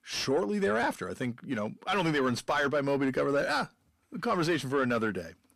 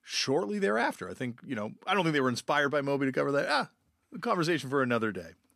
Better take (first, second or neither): second